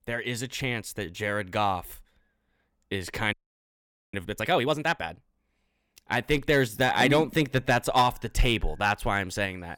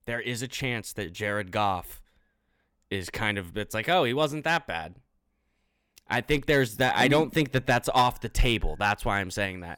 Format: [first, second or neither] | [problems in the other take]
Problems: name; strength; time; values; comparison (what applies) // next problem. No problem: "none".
second | audio freezing; at 3.5 s for 1 s